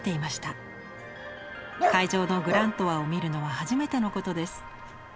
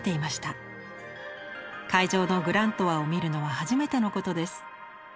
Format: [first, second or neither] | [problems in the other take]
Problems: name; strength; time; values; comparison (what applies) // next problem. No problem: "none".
second | background sound (Dog); 6 dB below the speech